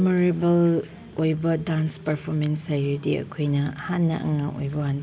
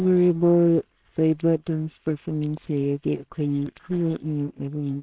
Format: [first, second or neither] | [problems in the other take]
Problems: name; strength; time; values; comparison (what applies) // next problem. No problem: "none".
first | noise reduction (neural separator model SepFormer WHAMR!)